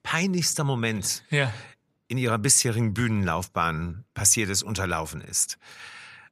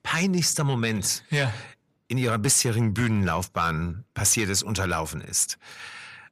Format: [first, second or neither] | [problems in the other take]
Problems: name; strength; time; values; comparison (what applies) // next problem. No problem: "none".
first | distortion; slight; 10 dB below the speech